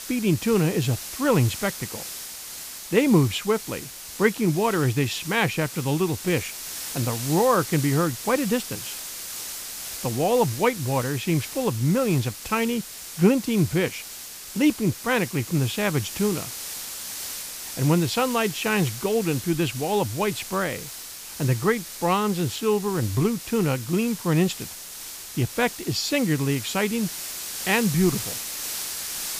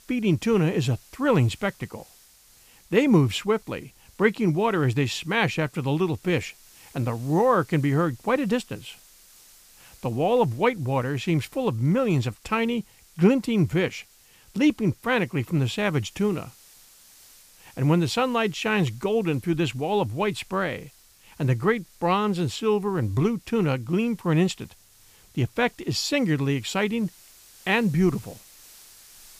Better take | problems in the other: second | hiss; loud; throughout; 9 dB below the speech; faint in the second

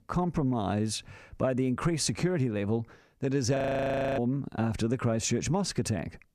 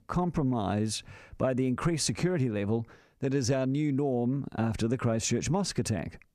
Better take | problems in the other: second | audio freezing; at 3.5 s for 0.5 s

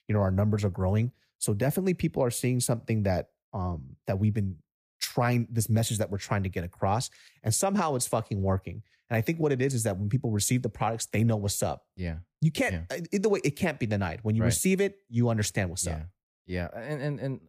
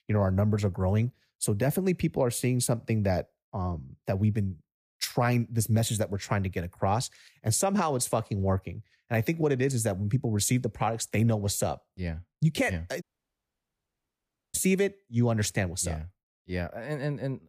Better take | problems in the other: first | audio cutting out; at 13 s for 1.5 s

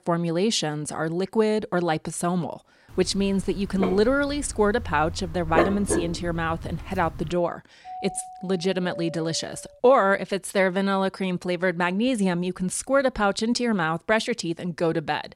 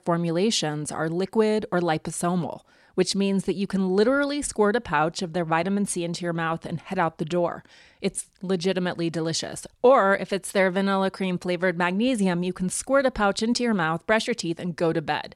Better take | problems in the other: second | dog barking; loud; from 3 to 7.5 s; peak level with the speech // doorbell; faint; from 8 to 10 s; peak 10 dB below the speech

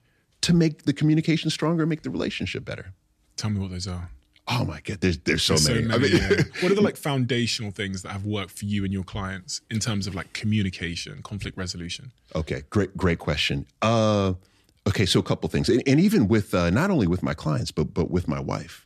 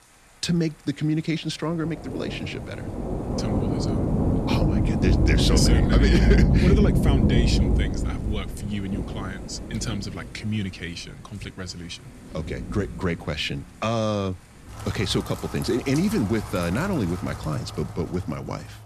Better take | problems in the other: first | rain or running water; very loud; throughout; 3 dB above the speech

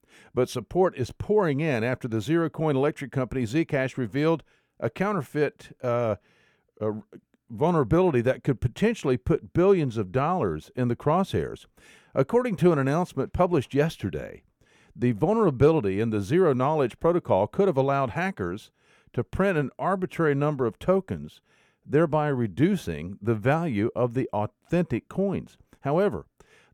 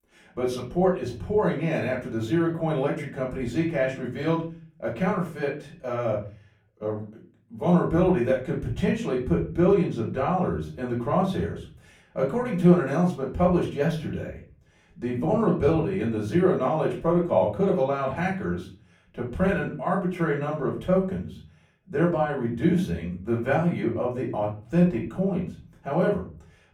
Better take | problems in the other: first | off-mic speech; far // room echo; slight; dies away in 0.4 s

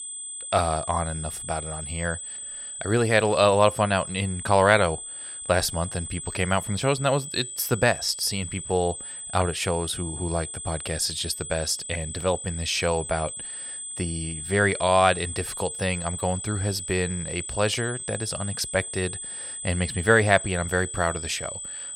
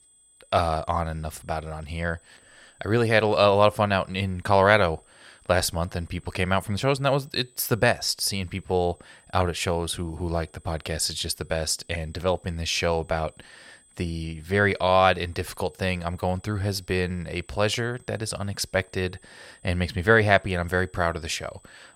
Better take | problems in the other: second | high-pitched whine; loud; throughout; 8 kHz, 8 dB below the speech; faint in the second

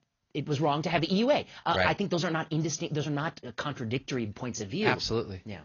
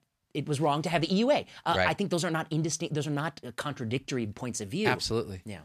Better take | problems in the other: second | garbled, watery; slightly; nothing above 6.5 kHz

